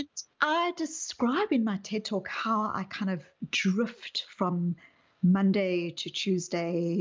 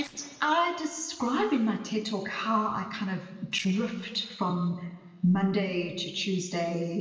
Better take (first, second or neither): first